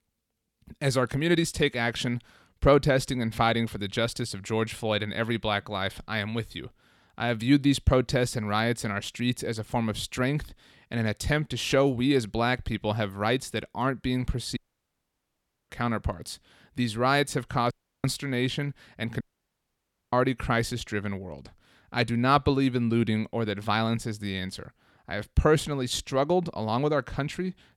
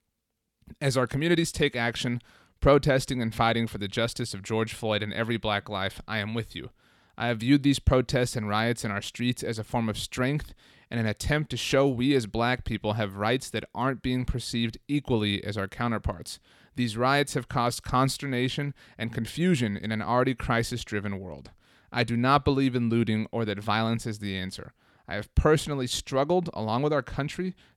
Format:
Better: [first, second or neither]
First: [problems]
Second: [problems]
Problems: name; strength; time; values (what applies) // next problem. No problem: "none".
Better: second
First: audio cutting out; at 15 s for 1 s, at 18 s and at 19 s for 1 s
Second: none